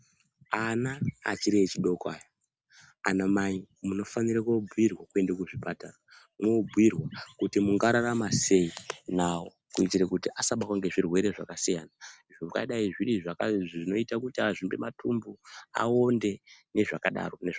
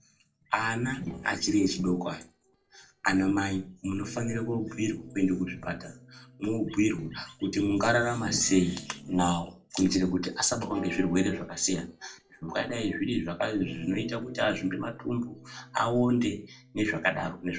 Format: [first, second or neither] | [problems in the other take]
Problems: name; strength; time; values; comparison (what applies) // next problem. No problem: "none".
first | noise reduction (neural separator model SepFormer DNS4)